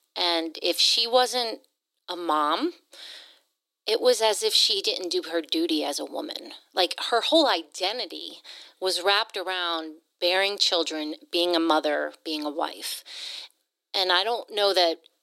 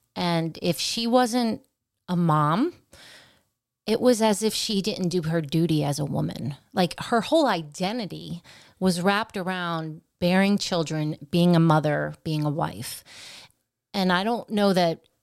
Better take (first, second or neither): second